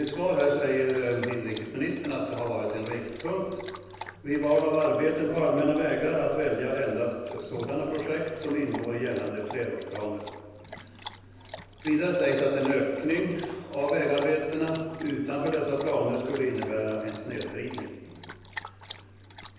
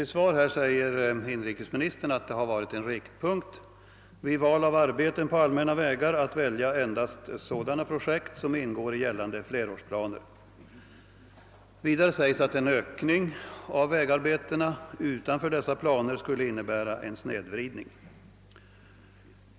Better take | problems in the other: second | background sound (Dog); 17 dB below the speech // room echo; dies away in 1.1 s

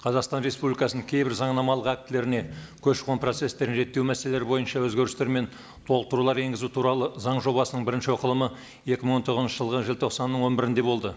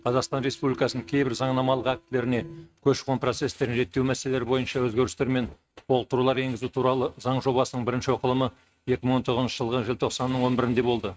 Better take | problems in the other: first | noise reduction (neural mask model RNNoise)

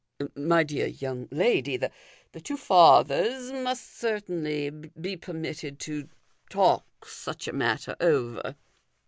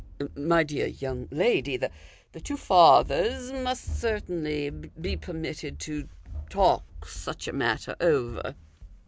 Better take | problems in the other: first | background sound (Run); 13 dB below the speech

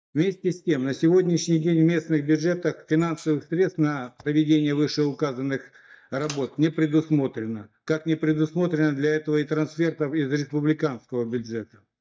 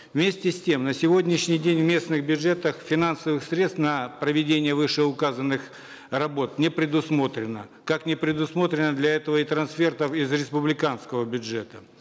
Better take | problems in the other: second | noise reduction (neural mask model DeepFilterNet 3)

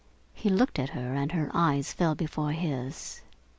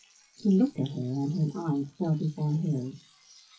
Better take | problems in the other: first | noise reduction (classical method WPE with log-MMSE)

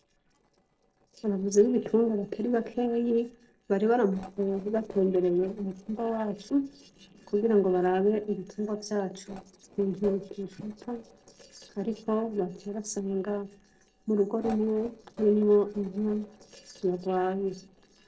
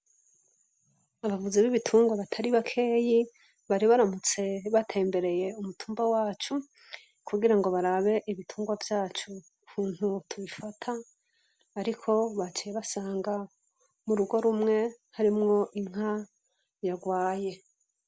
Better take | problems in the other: second | noise reduction (neural separator model SepFormer DNS4)

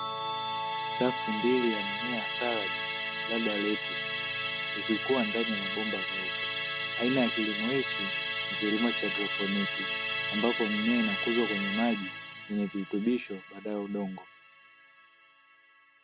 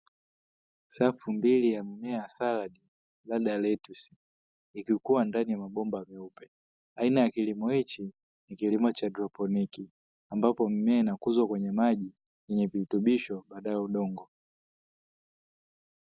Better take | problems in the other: second | background sound (Musical instrument); 1 dB below the speech

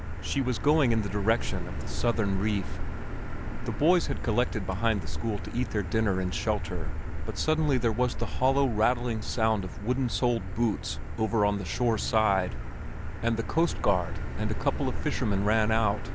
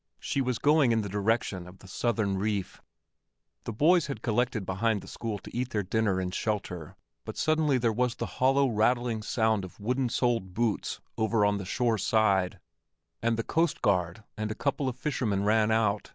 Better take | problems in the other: second | background sound (Motor vehicle (road)); 2 dB below the speech

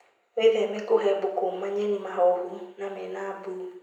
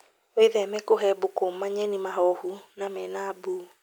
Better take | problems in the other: second | room echo; dies away in 0.7 s

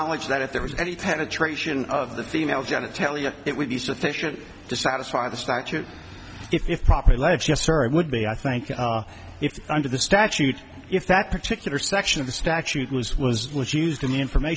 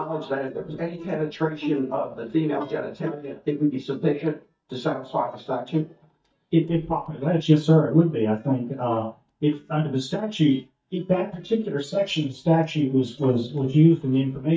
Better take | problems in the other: first | noise reduction (neural mask model DeepFilterNet 3)

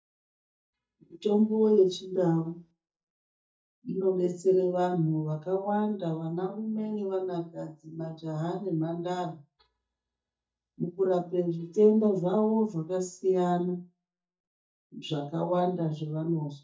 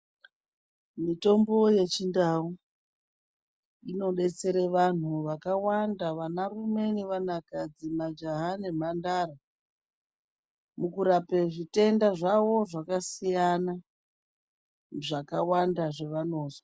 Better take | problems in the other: second | noise reduction (neural mask model DeepFilterNet 3)

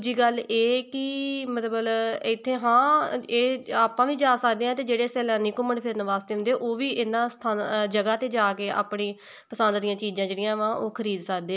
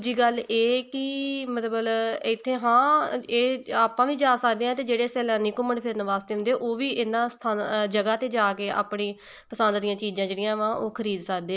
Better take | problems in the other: first | noise reduction (neural mask model Resemble Enhance denoiser)

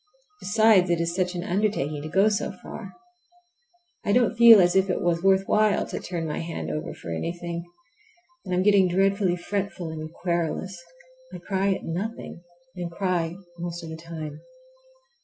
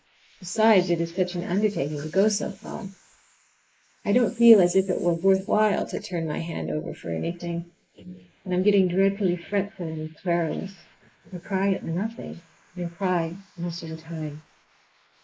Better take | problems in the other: first | noise reduction (neural mask model Resemble Enhance denoiser)

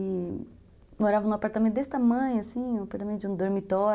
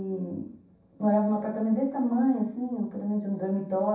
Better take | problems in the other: first | room echo; dies away in 0.7 s

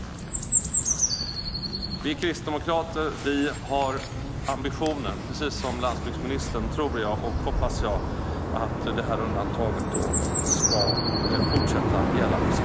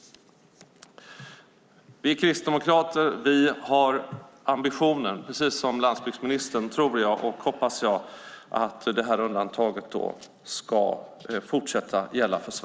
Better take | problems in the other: second | background sound (Chirp, tweet); 4 dB above the speech

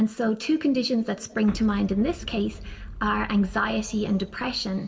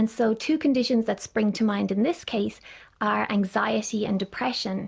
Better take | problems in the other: second | background sound (Boom); 14 dB below the speech // room echo; dies away in 1.3 s

